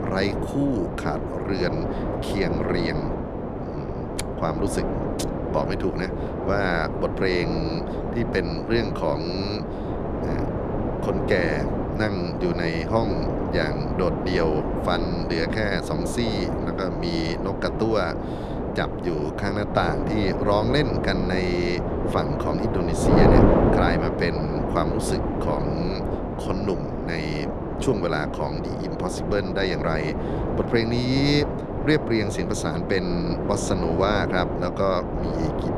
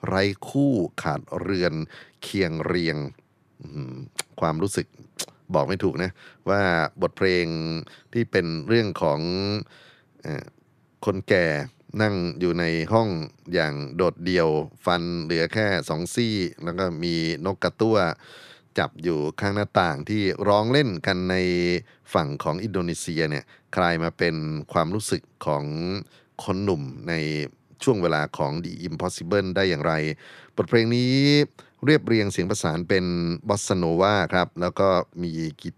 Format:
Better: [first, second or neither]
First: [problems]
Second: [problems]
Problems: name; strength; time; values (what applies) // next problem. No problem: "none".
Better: second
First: wind noise on the microphone; heavy; 2 dB below the speech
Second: none